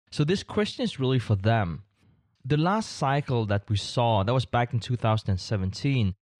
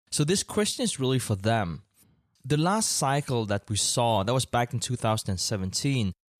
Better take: second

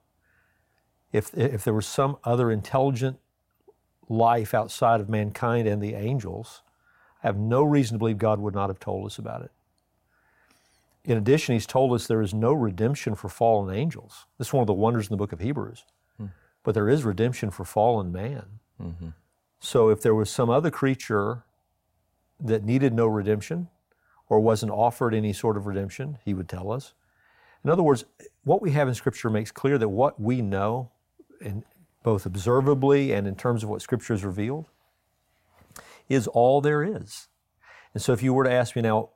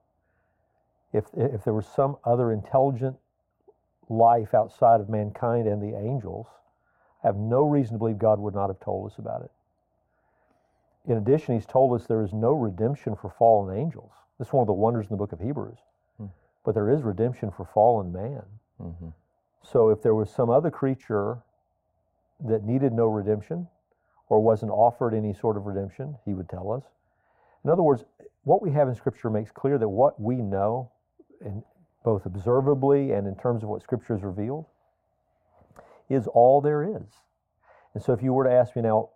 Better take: first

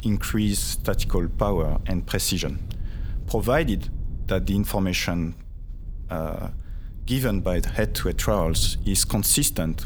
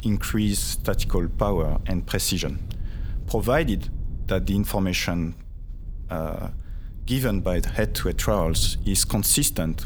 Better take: neither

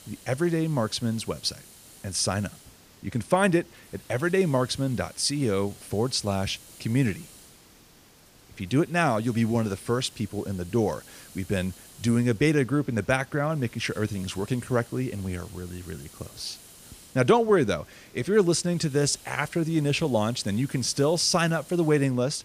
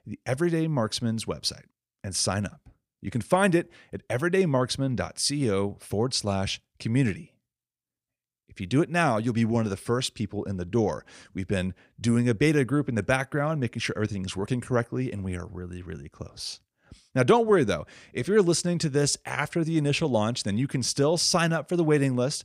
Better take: second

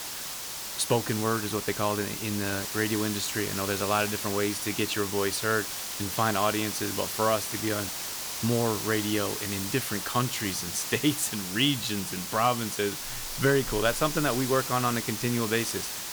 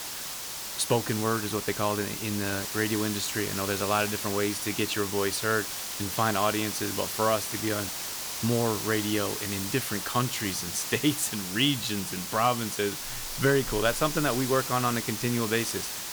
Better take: neither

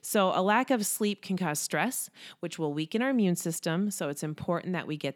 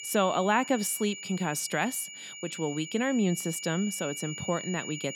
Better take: first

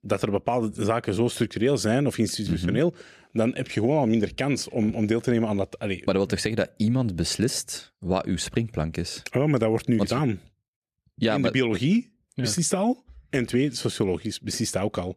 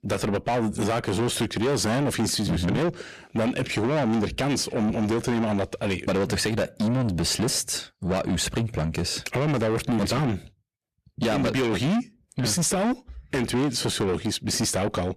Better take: first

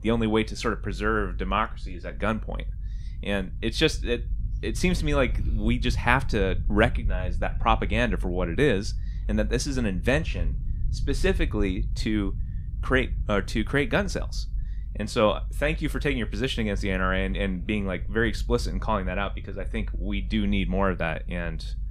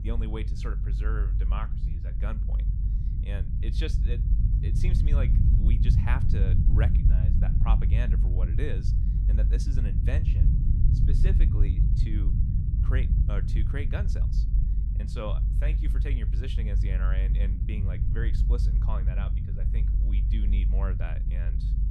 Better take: first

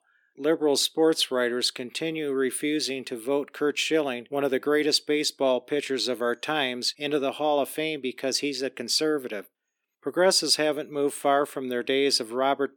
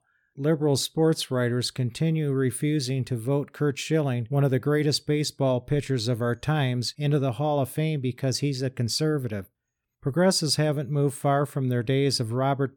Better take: second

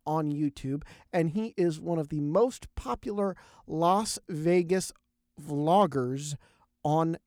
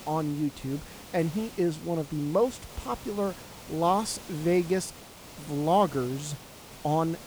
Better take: first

